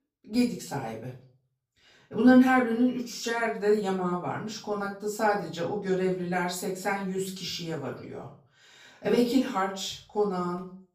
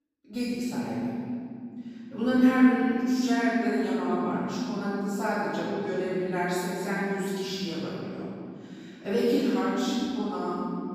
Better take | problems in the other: first | room echo; strong; dies away in 3 s; slight in the first // off-mic speech; far; far in the first

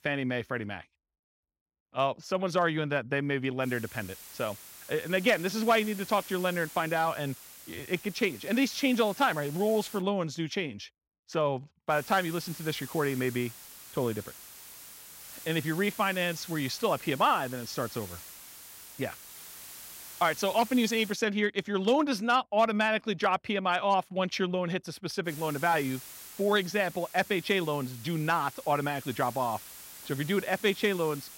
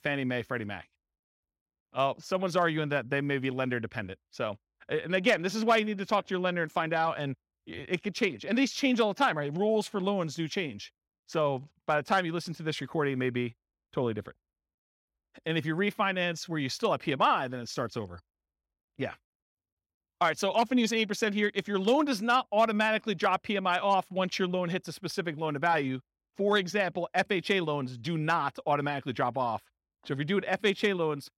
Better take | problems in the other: second | hiss; noticeable; from 3.5 to 10 s, from 12 to 21 s and from 25 s on; 15 dB below the speech

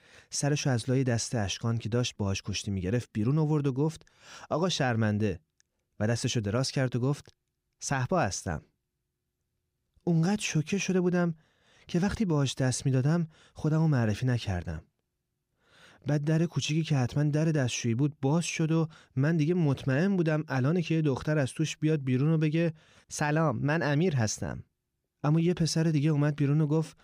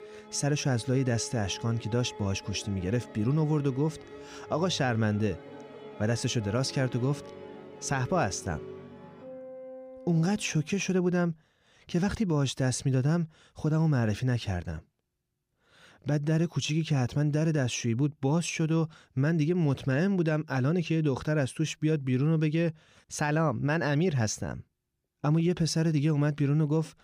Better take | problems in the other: first | background music; noticeable; until 10 s; 15 dB below the speech

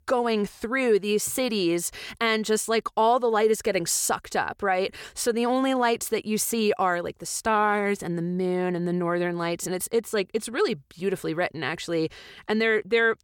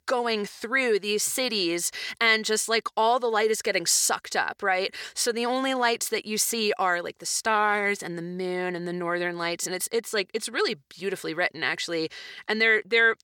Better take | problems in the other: first | thin; very slightly; fading below 350 Hz

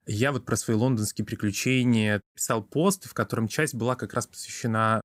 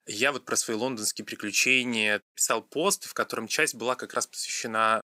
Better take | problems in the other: first | thin; somewhat; fading below 400 Hz

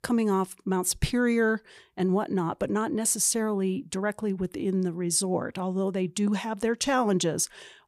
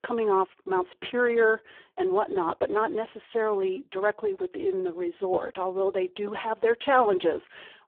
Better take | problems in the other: first | phone-call audio; poor line

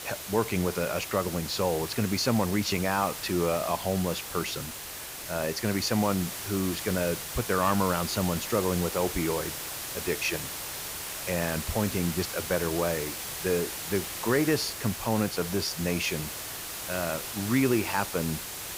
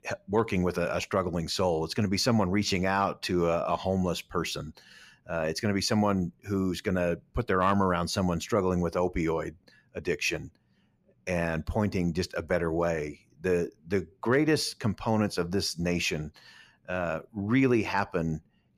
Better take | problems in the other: second | hiss; loud; throughout; 5 dB below the speech

